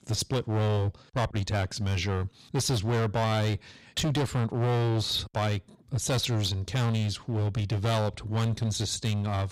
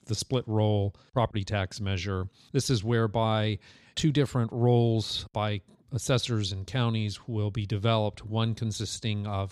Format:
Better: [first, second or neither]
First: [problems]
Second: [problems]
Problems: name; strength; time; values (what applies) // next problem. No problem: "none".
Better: second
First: distortion; heavy; 20% of the sound clipped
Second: none